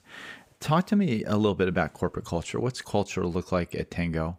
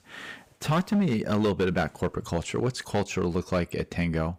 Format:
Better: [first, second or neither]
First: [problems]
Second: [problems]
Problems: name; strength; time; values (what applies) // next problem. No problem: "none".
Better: first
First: none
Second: distortion; slight; 7% of the sound clipped